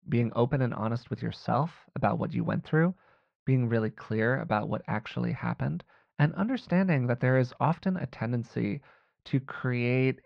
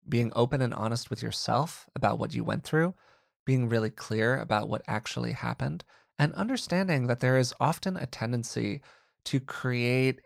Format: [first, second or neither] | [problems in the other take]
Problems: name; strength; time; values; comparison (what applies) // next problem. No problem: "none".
second | muffled; slightly; fading above 3 kHz